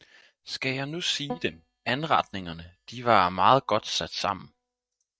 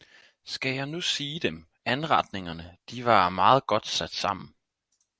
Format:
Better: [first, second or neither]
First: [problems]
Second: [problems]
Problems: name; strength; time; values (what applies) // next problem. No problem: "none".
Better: second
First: noise reduction (neural mask model DeepFilterNet 3)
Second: none